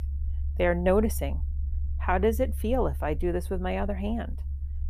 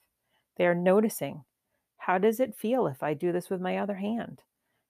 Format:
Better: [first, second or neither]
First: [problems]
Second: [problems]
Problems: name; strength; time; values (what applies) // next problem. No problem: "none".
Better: second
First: low rumble; faint; throughout; 25 dB below the speech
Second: none